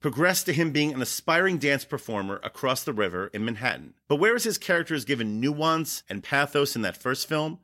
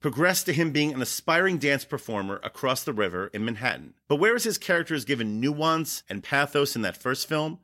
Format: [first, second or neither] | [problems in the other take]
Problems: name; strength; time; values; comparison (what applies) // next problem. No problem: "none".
neither | none